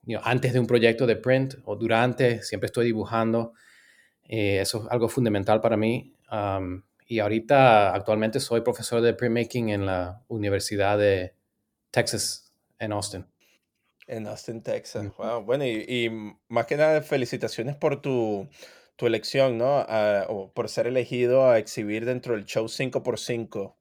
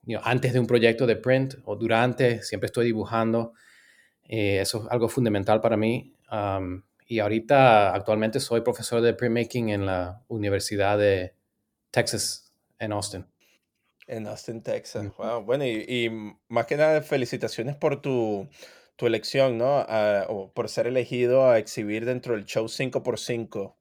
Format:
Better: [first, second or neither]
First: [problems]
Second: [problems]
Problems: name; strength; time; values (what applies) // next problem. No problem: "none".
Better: neither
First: none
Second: none